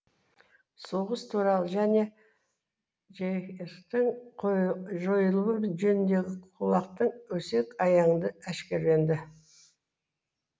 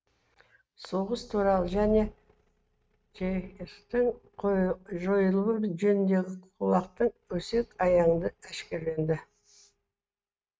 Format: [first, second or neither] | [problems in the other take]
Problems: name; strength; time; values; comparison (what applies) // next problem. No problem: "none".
first | noise reduction (neural mask model RNNoise)